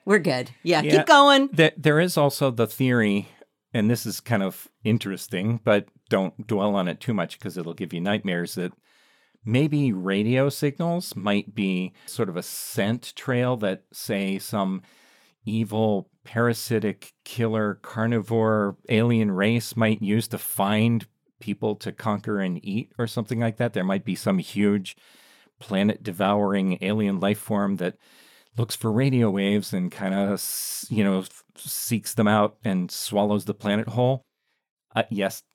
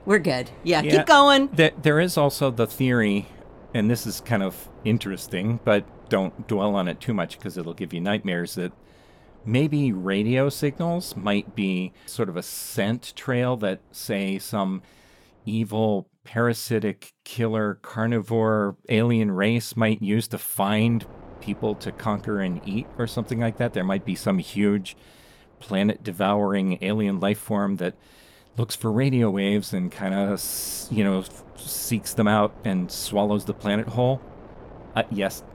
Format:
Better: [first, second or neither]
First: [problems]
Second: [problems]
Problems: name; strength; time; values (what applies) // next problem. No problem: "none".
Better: first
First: none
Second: wind noise on the microphone; occasional gusts; until 16 s and from 21 s on; 25 dB below the speech